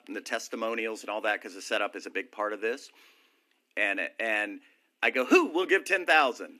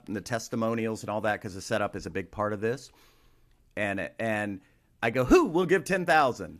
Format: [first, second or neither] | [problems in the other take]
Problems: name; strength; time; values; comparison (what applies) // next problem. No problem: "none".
second | thin; very slightly; fading below 250 Hz